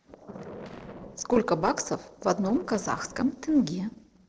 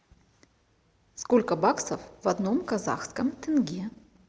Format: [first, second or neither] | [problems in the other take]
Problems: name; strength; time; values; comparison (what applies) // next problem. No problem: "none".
second | noise reduction (neural separator model SepFormer DNS4)